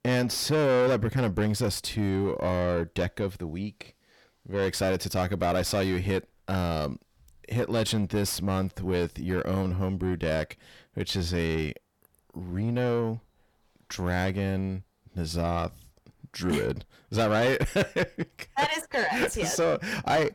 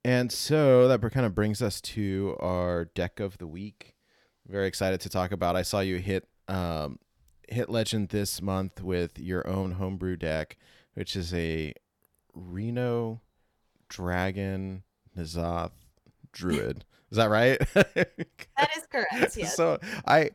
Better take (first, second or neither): second